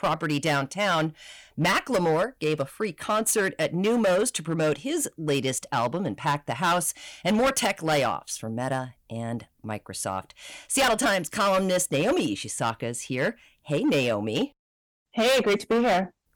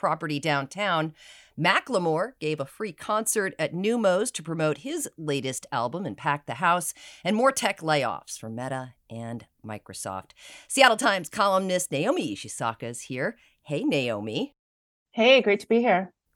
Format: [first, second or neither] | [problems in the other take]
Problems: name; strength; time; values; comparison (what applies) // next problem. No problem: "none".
second | distortion; heavy; 9% of the sound clipped